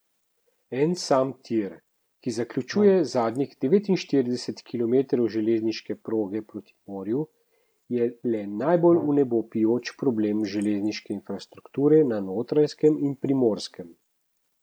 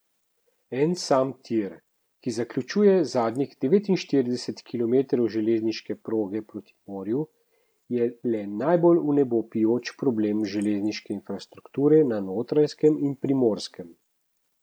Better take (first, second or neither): second